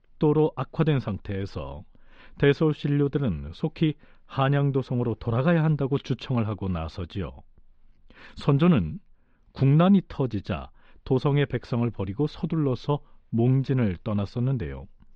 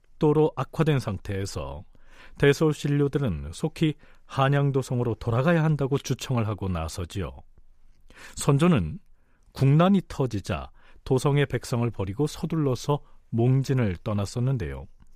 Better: second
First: muffled; slightly; fading above 4 kHz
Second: none

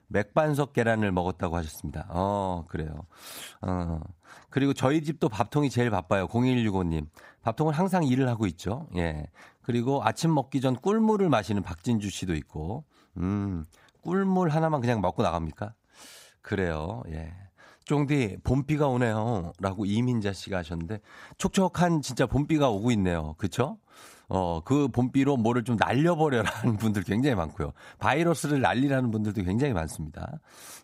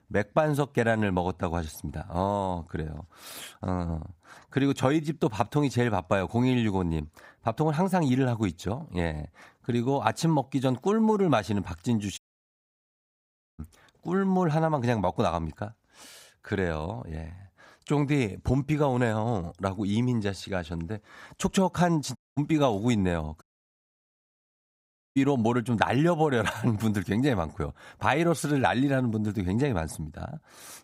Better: first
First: none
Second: audio cutting out; at 12 s for 1.5 s, at 22 s and at 23 s for 1.5 s

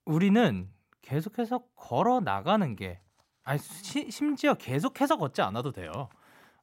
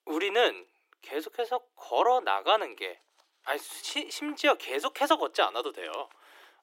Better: first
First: none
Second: thin; very; fading below 300 Hz

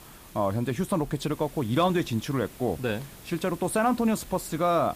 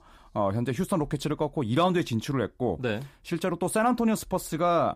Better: second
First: hiss; noticeable; throughout; 20 dB below the speech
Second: none

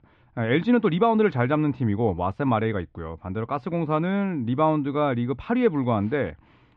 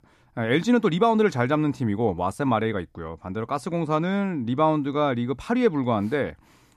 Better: second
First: muffled; very; fading above 3 kHz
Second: none

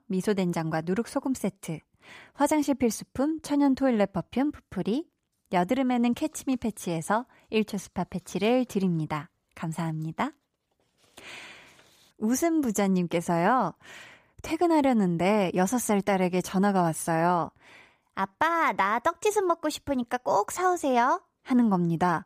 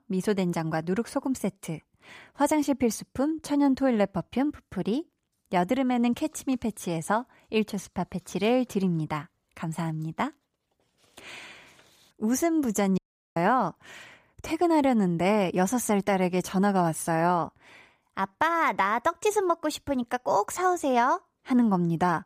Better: first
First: none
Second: audio cutting out; at 13 s

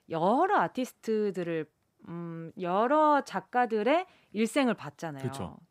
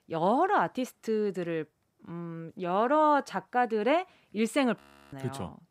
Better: first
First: none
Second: audio freezing; at 5 s

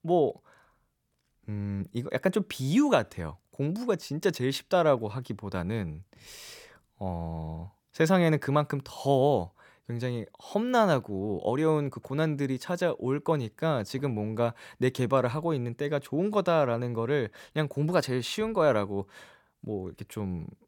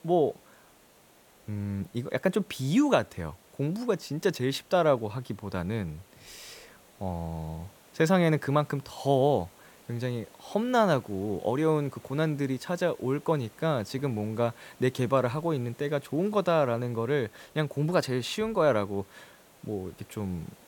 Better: first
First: none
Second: hiss; faint; throughout; 25 dB below the speech

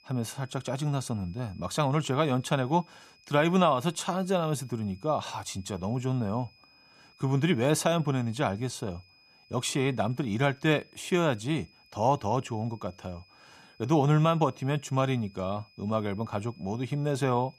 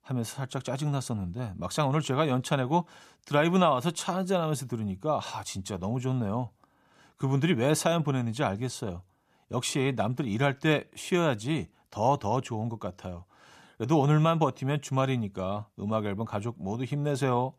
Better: second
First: high-pitched whine; faint; throughout; 2.5 kHz, 30 dB below the speech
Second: none

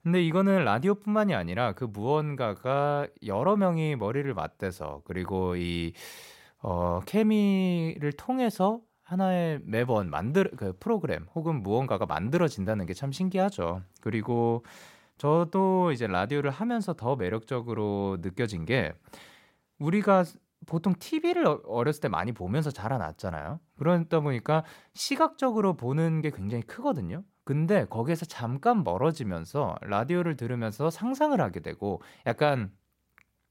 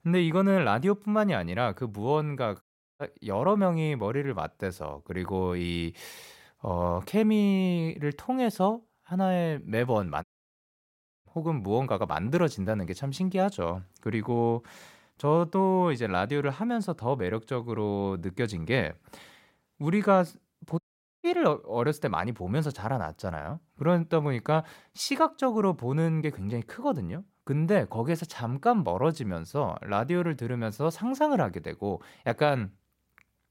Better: first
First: none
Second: audio cutting out; at 2.5 s, at 10 s for 1 s and at 21 s

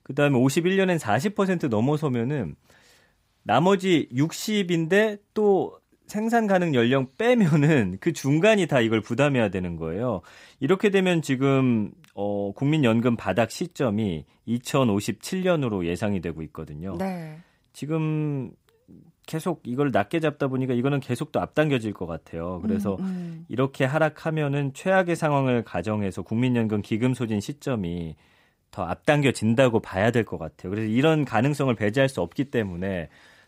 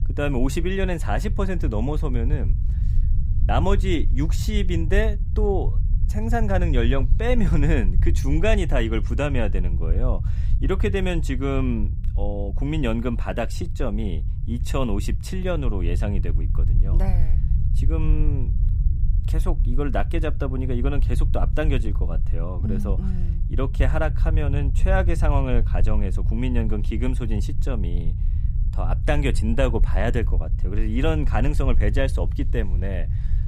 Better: first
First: none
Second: low rumble; noticeable; throughout; 15 dB below the speech

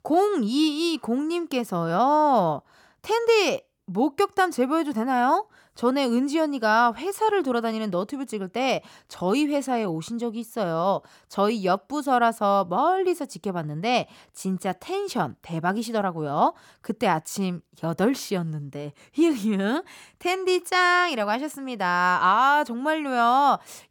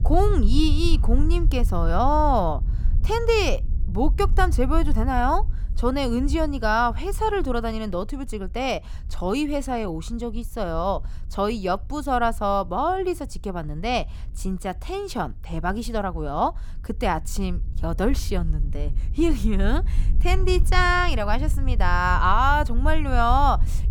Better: first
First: none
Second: low rumble; faint; throughout; 20 dB below the speech

